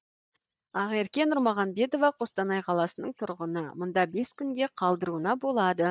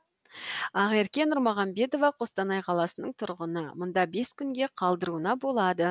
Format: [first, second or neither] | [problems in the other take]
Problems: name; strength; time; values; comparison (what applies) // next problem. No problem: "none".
second | noise reduction (neural mask model DeepFilterNet 3)